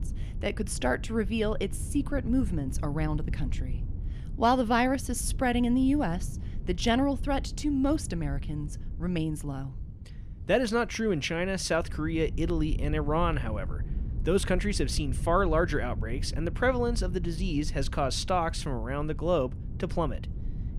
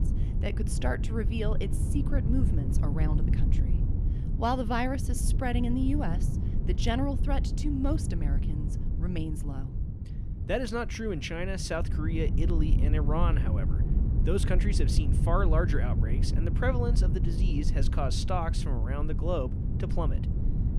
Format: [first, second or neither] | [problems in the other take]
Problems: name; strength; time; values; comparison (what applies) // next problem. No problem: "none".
first | low rumble; loud; throughout; 9 dB below the speech; faint in the first